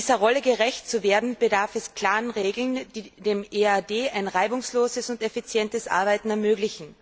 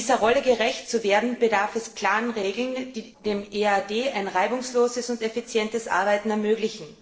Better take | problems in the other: first | noise reduction (neural separator model SepFormer DNS4)

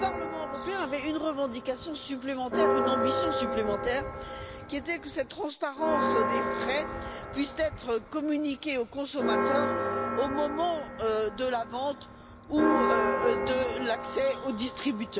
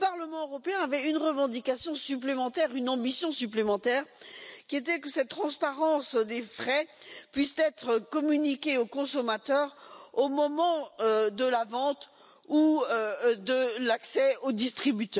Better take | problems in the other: second | background sound (Church bell); 1 dB below the speech

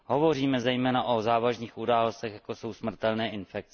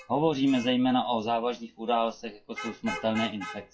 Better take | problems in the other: first | noise reduction (classical method WPE with log-MMSE)

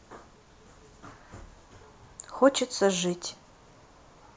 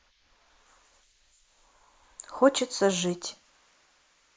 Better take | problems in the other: first | noise reduction (neural mask model Resemble Enhance denoiser)

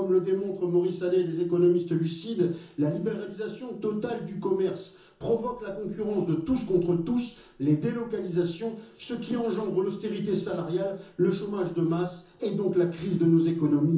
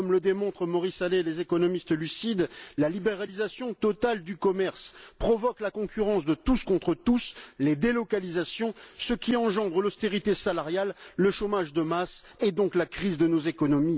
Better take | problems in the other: second | room echo; dies away in 0.7 s

